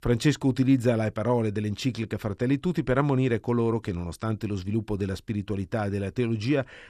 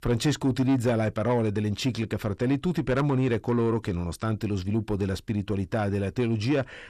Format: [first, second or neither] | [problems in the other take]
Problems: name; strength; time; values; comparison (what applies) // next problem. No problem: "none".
first | distortion; slight; 10 dB below the speech